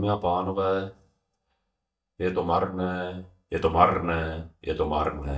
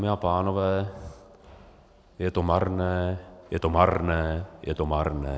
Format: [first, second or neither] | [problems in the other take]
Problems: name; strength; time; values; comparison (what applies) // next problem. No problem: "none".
second | noise reduction (neural mask model DeepFilterNet 3)